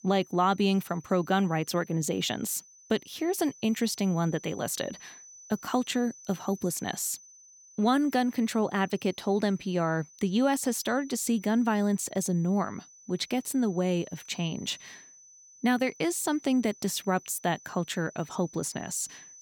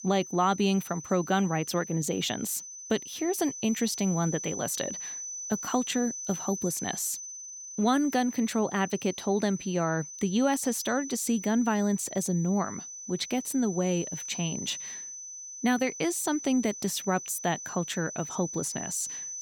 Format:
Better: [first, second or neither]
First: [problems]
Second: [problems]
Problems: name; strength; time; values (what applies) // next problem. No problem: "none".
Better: first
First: high-pitched whine; faint; throughout; 6 kHz, 20 dB below the speech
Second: high-pitched whine; loud; throughout; 6 kHz, 8 dB below the speech